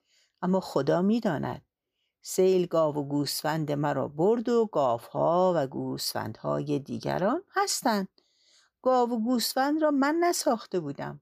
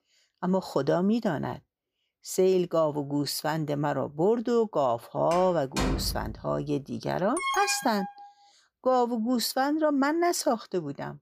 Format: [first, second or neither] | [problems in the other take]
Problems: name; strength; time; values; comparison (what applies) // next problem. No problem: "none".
first | door banging; noticeable; from 5.5 to 6.5 s; peak 3 dB below the speech // alarm; noticeable; at 7.5 s; peak 1 dB below the speech